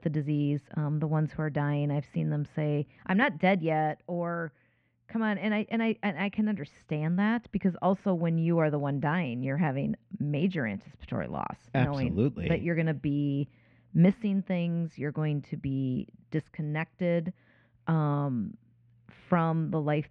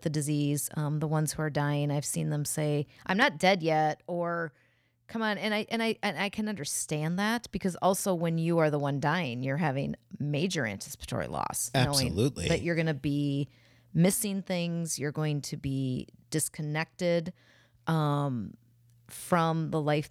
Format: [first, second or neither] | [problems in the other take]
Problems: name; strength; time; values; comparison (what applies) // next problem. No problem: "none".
second | muffled; very; fading above 2.5 kHz